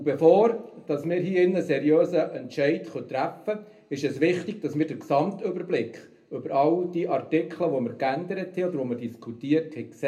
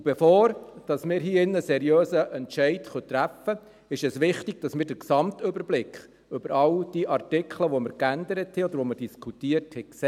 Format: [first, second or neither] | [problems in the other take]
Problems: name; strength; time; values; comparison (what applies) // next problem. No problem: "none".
second | room echo; dies away in 0.3 s